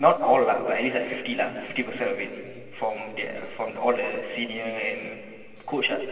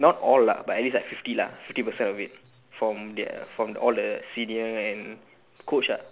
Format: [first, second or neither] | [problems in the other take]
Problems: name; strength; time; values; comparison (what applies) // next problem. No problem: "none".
second | room echo; dies away in 2.4 s